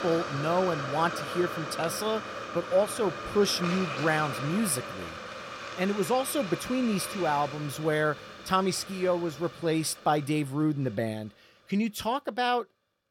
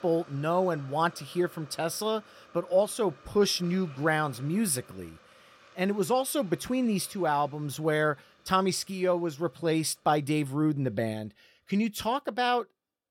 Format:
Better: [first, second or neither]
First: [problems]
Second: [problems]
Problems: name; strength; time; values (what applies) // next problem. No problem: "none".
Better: second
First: hiss; loud; throughout; 8 dB below the speech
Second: hiss; faint; throughout; 25 dB below the speech